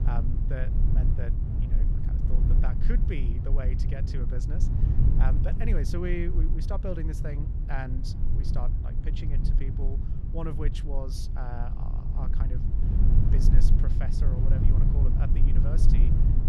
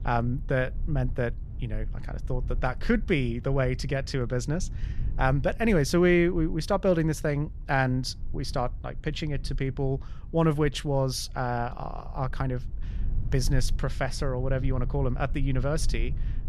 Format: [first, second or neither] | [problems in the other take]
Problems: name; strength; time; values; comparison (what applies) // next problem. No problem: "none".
second | low rumble; loud; throughout; 2 dB below the speech; faint in the second